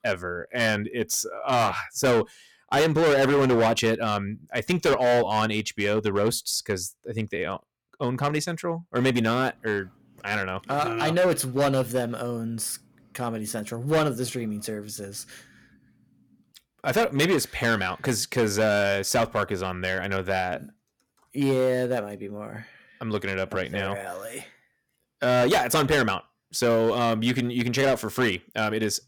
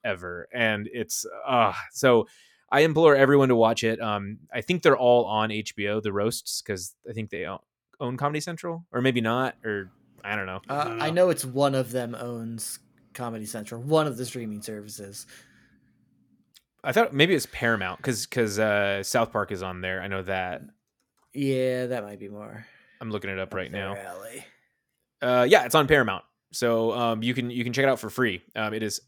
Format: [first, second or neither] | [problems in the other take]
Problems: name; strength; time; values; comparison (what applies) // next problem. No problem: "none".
second | distortion; heavy; 8% of the sound clipped